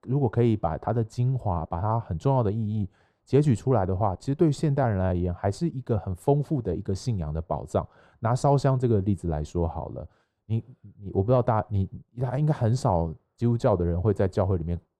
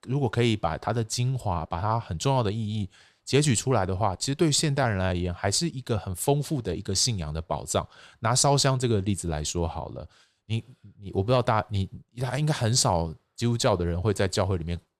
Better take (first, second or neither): second